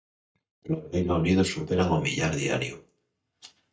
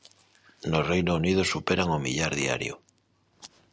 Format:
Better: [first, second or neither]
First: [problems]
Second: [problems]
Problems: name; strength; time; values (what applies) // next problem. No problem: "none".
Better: second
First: noise reduction (neural mask model DeepFilterNet 3)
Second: none